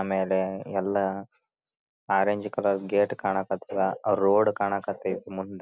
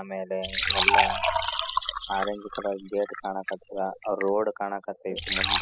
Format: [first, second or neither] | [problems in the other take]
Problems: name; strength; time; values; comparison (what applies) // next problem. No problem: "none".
first | noise reduction (classical method spectral subtraction)